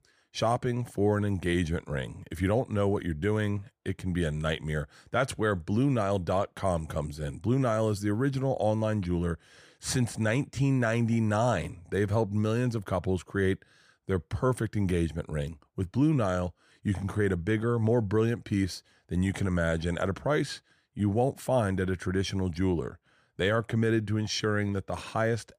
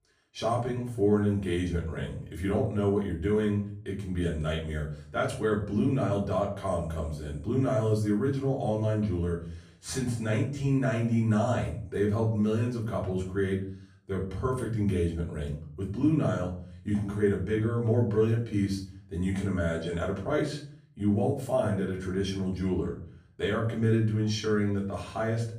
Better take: first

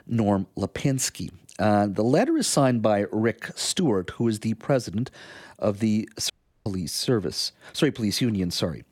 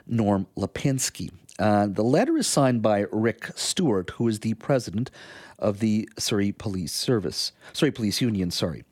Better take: second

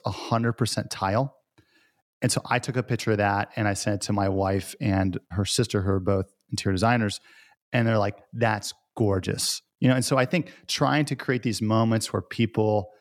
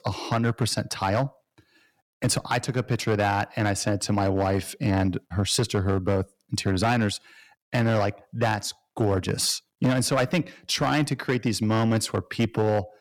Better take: first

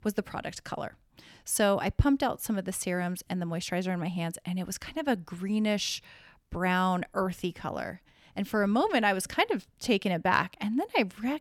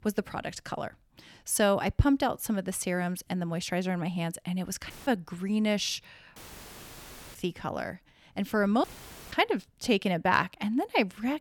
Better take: first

